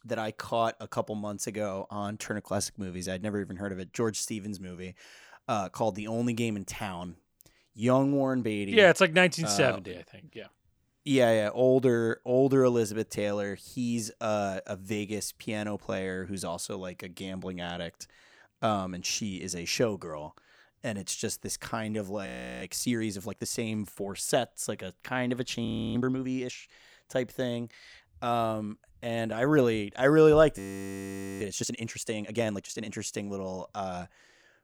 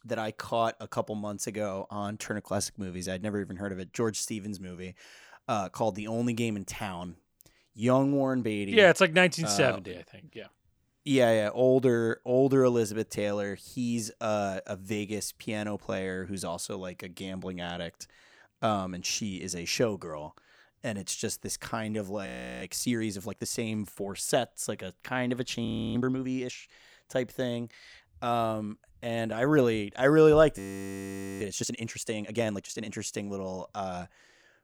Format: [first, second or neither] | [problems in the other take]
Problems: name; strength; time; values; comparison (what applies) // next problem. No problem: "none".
neither | audio freezing; at 22 s, at 26 s and at 31 s for 1 s; the same in both